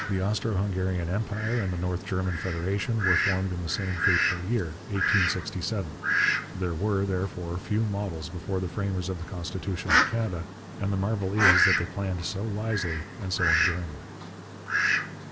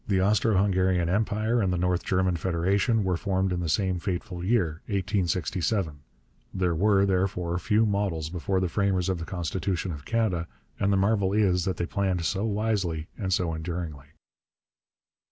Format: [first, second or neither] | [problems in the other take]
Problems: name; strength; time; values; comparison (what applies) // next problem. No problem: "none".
second | background sound (Fowl); 1 dB below the speech